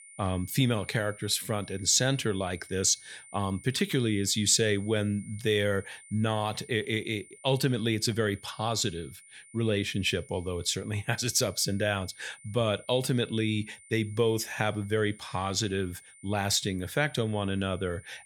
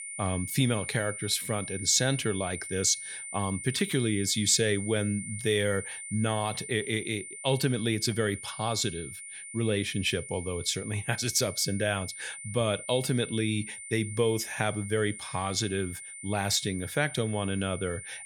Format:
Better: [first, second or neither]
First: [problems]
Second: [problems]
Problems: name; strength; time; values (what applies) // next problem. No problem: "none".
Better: first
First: high-pitched whine; faint; throughout; 9 kHz, 20 dB below the speech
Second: high-pitched whine; loud; throughout; 9 kHz, 10 dB below the speech